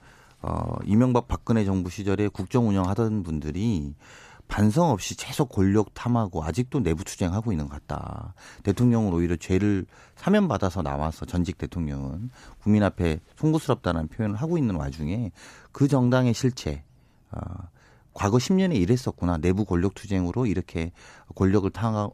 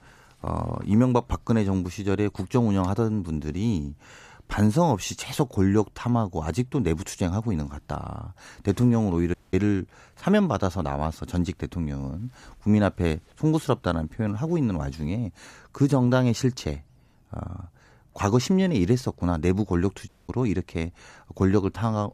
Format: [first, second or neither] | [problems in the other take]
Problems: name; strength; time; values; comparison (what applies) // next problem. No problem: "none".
first | audio cutting out; at 9.5 s and at 20 s